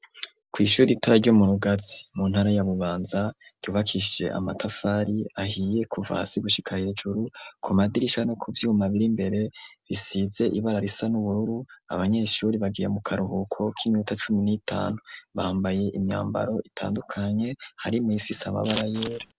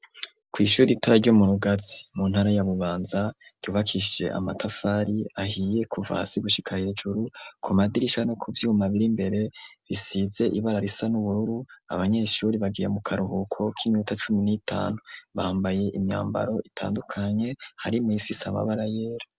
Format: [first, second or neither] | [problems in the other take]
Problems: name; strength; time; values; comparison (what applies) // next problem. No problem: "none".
second | background sound (Scissors); 9 dB below the speech